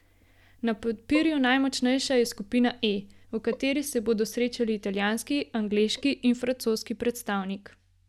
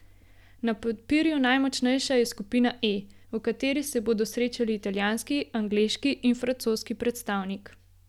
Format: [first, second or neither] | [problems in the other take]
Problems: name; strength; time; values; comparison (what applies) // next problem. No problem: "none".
second | noise reduction (neural mask model DeepFilterNet 3)